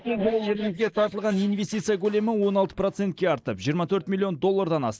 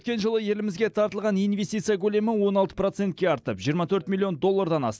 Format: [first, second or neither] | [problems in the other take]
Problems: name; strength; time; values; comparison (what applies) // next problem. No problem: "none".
second | noise reduction (neural mask model Resemble Enhance denoiser)